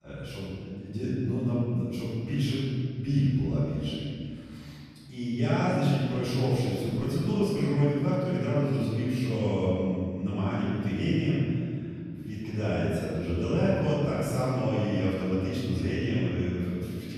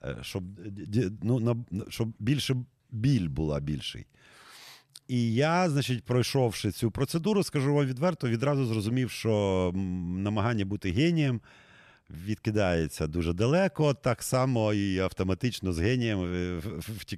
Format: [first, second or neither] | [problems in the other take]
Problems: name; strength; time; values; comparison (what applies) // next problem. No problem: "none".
second | room echo; strong; dies away in 2.3 s // off-mic speech; far